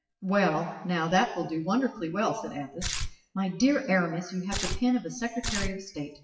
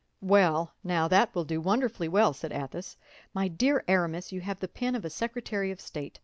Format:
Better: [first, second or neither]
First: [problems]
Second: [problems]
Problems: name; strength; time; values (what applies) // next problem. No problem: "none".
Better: second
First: noise reduction (classical method WPE with log-MMSE)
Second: none